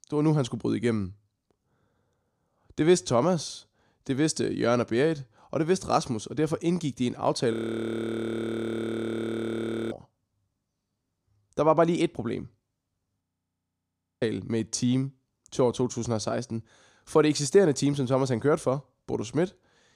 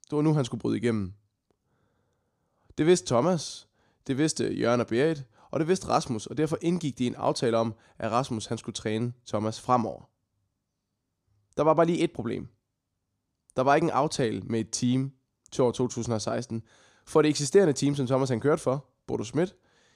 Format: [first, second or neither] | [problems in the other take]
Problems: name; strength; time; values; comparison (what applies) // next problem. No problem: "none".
second | audio freezing; at 7.5 s for 2.5 s and at 13 s for 1 s